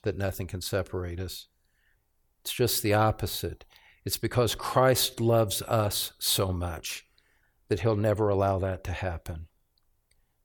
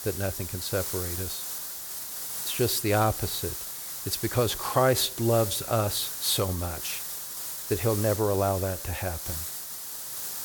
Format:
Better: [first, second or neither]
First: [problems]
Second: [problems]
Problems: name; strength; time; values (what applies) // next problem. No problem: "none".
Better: first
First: none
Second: hiss; loud; throughout; 5 dB below the speech